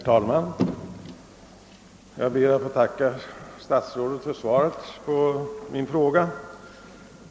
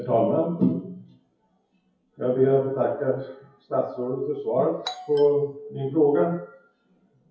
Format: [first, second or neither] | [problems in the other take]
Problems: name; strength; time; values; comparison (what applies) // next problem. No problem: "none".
first | noise reduction (classical method WPE with log-MMSE)